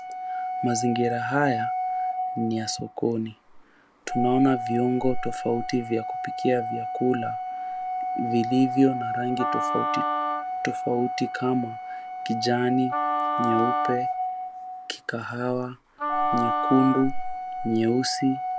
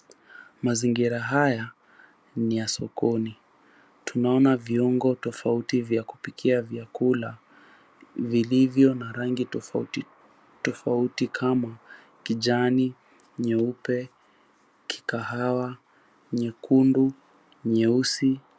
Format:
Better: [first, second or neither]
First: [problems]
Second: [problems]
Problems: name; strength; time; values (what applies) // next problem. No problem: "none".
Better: second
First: background sound (Wind instrument, woodwind instrument + Organ); 2 dB below the speech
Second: none